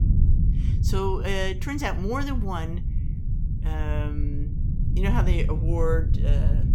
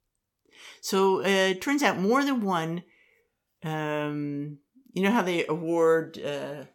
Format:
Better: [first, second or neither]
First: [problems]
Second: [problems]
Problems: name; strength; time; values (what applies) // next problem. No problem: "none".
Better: second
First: low rumble; noticeable; throughout; 10 dB below the speech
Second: none